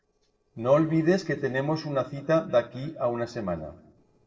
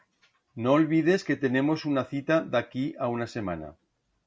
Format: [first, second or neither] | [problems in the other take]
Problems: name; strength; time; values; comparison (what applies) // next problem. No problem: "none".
second | noise reduction (neural separator model SepFormer DNS4)